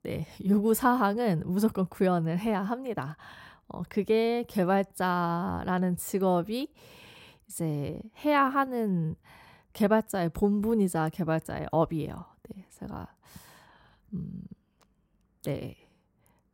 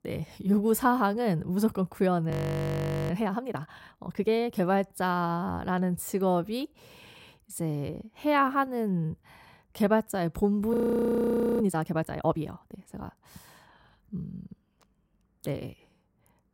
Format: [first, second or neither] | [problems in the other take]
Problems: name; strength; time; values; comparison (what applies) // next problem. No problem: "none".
first | audio freezing; at 2.5 s for 1 s and at 11 s for 1 s